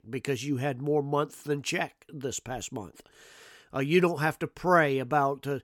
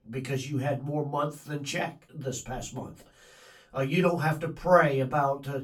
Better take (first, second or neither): first